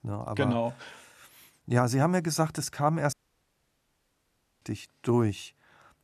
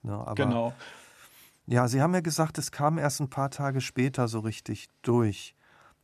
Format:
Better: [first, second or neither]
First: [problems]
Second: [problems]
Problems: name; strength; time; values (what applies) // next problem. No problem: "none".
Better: second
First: audio cutting out; at 3 s for 1.5 s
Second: none